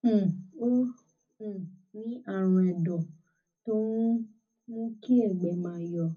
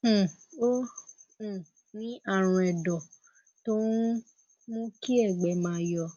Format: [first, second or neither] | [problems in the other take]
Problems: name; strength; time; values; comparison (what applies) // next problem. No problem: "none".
second | room echo; dies away in 0.4 s